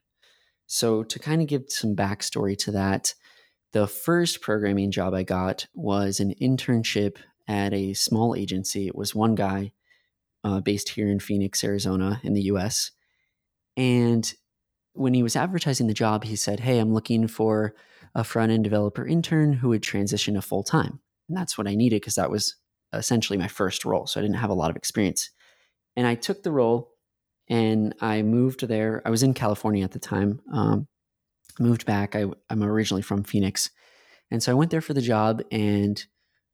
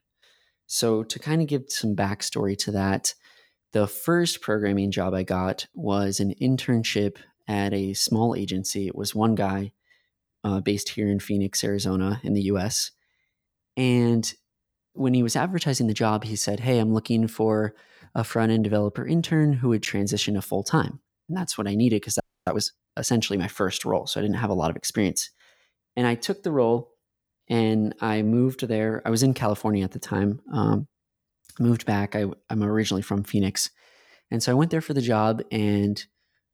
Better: first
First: none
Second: audio freezing; at 22 s

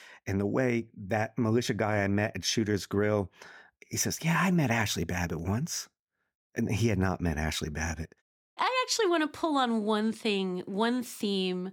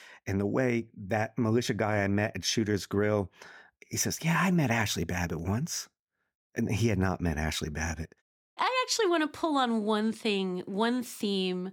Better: neither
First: none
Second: none

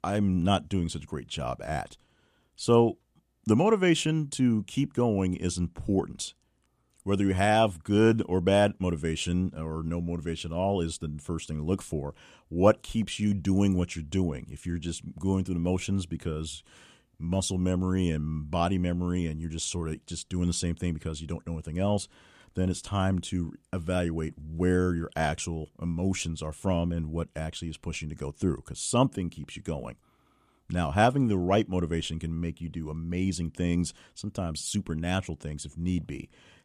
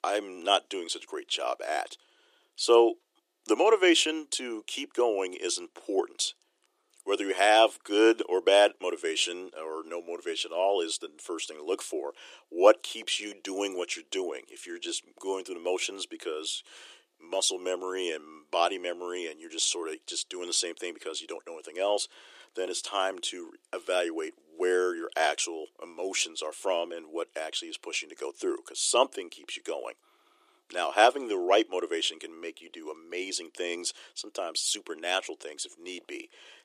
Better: first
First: none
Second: thin; very; fading below 350 Hz

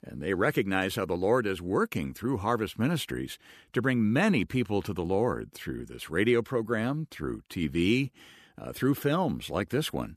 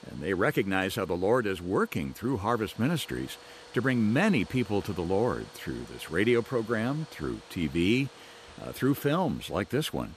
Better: first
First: none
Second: household noises; faint; throughout; 20 dB below the speech

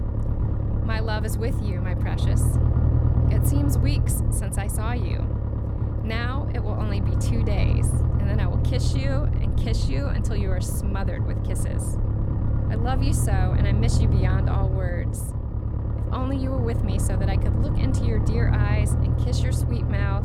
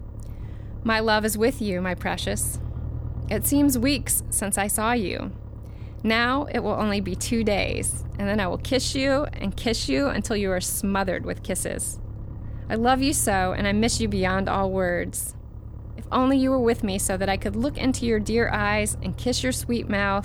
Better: second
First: low rumble; loud; throughout; 1 dB below the speech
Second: low rumble; faint; throughout; 20 dB below the speech

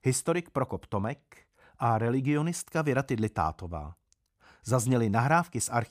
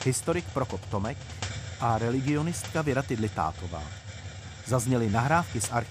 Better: first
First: none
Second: hiss; noticeable; throughout; 10 dB below the speech

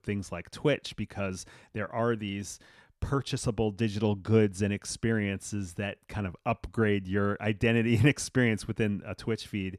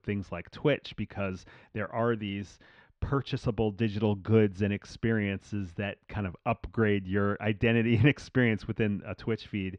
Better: first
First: none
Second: muffled; slightly; fading above 3.5 kHz

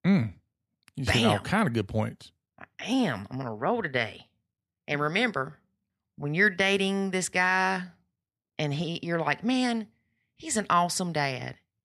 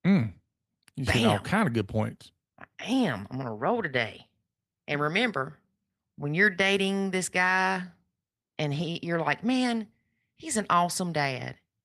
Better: first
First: none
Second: garbled, watery; slightly

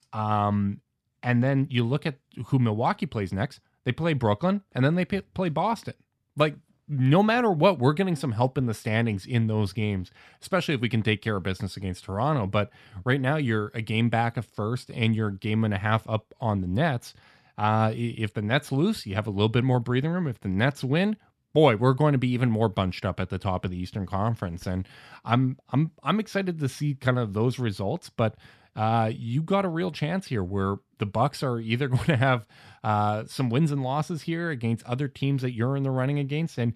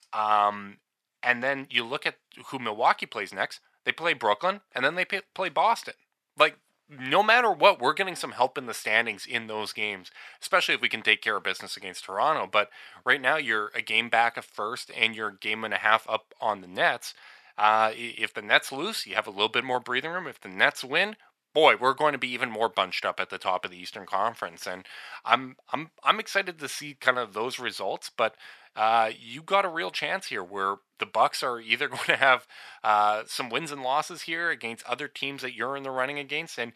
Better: first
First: none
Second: thin; very; fading below 700 Hz

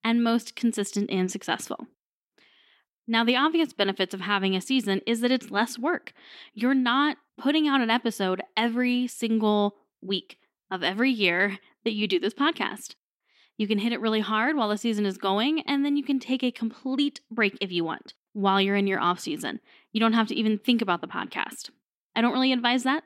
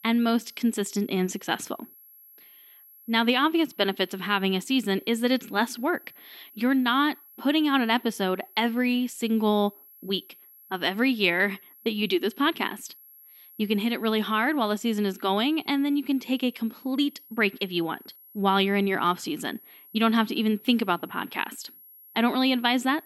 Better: first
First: none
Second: high-pitched whine; faint; throughout; 11.5 kHz, 25 dB below the speech

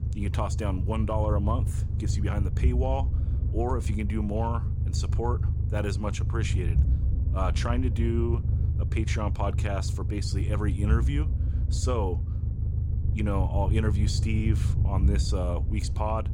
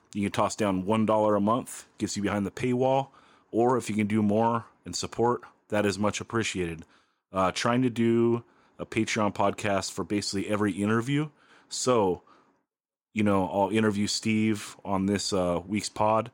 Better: second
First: low rumble; loud; throughout; 9 dB below the speech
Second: none

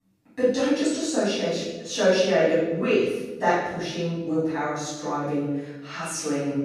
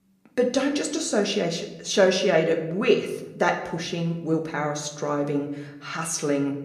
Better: second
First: room echo; strong; dies away in 0.9 s // off-mic speech; far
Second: room echo; slight; dies away in 0.8 s

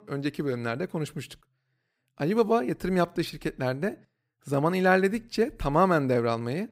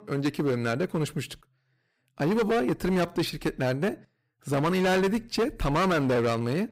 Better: first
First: none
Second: distortion; heavy; 14% of the sound clipped

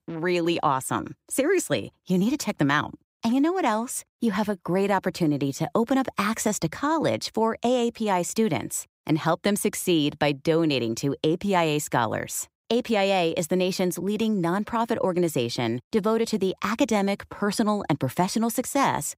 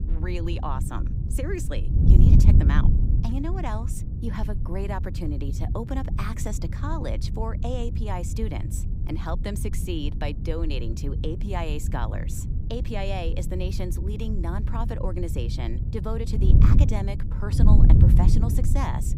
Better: first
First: none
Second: wind noise on the microphone; heavy; 4 dB below the speech

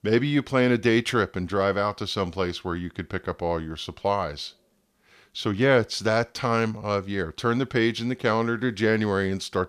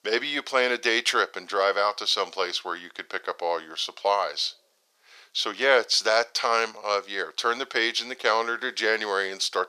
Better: first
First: none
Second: thin; very; fading below 500 Hz

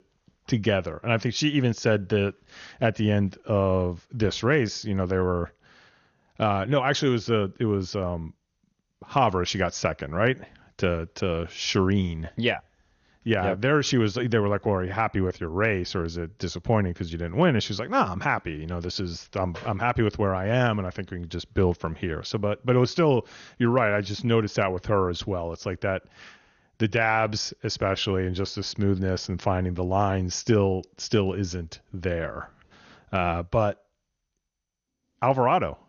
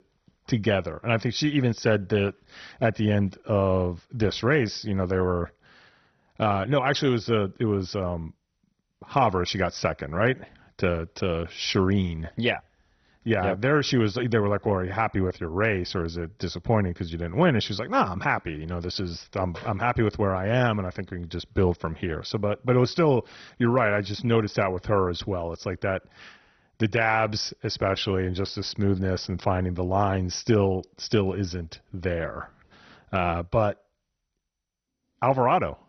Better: first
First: garbled, watery; slightly; nothing above 6.5 kHz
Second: garbled, watery; badly; nothing above 6 kHz

